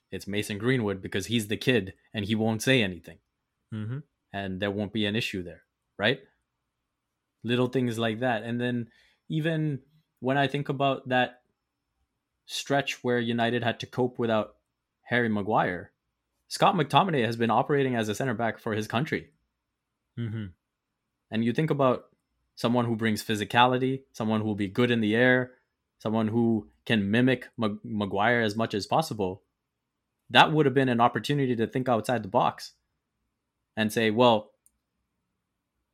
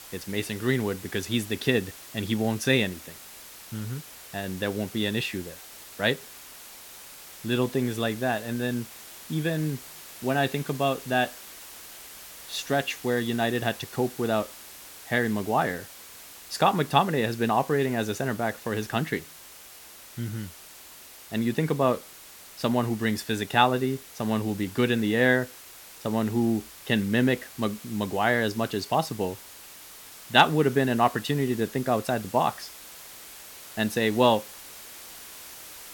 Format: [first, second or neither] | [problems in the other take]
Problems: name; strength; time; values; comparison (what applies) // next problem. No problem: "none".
first | hiss; noticeable; throughout; 15 dB below the speech